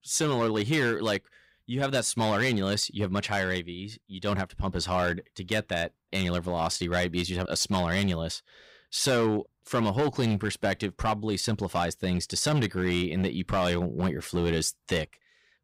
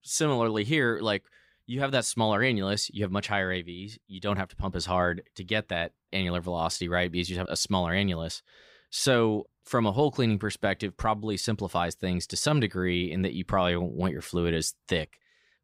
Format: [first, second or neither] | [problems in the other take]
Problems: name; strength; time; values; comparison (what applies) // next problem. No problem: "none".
second | distortion; slight; 7% of the sound clipped